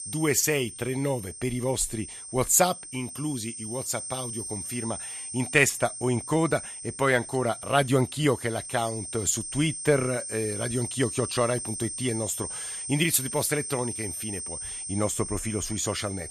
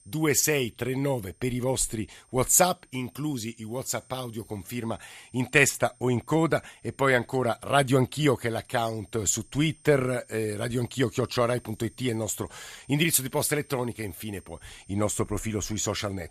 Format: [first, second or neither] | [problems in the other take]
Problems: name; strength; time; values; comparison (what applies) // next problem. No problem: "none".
second | high-pitched whine; loud; throughout; 8.5 kHz, 7 dB below the speech; faint in the second